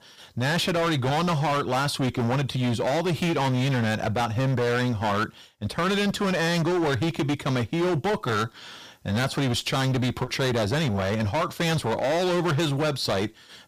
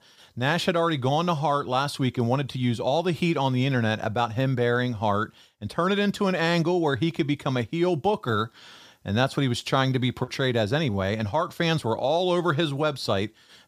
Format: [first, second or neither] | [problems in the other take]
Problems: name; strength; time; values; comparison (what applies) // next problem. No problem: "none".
second | distortion; heavy; 29% of the sound clipped